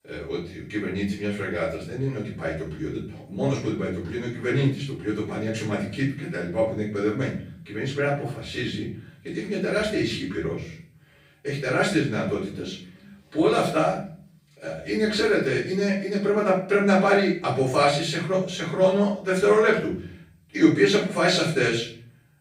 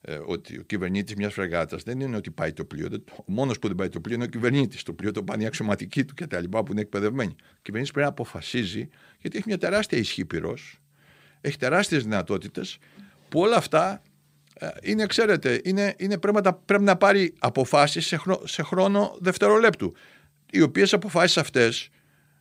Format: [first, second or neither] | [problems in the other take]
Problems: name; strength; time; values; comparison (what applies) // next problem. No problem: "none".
second | off-mic speech; far // room echo; noticeable; dies away in 0.6 s